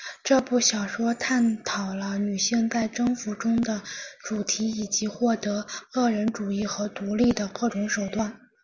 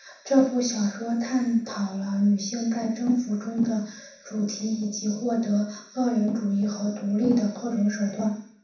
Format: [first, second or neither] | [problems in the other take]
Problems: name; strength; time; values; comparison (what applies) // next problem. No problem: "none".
first | room echo; dies away in 0.7 s